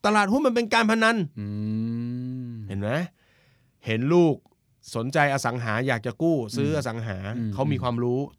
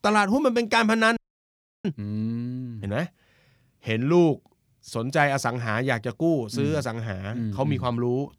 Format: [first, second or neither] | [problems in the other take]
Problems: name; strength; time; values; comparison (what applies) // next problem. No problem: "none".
first | audio freezing; at 1 s for 0.5 s